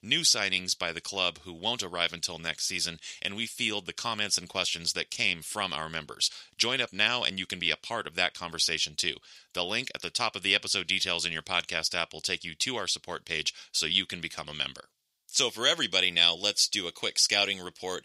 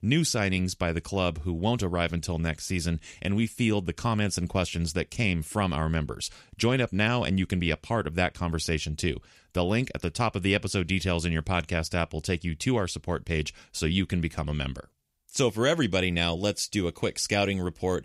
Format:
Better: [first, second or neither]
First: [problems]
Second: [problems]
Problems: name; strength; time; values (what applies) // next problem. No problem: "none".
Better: second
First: thin; somewhat; fading below 1 kHz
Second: none